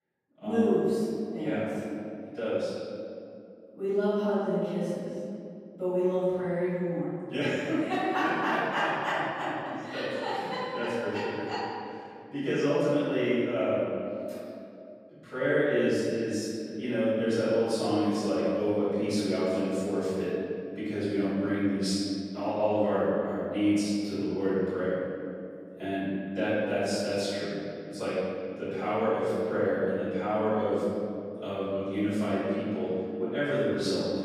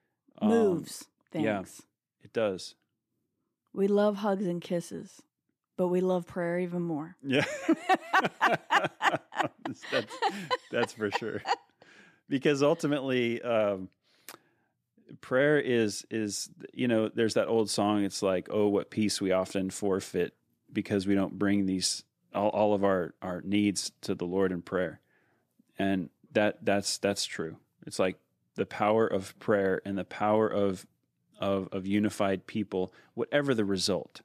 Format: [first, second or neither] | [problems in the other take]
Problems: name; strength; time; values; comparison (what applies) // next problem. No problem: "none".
second | off-mic speech; far // room echo; strong; dies away in 2.4 s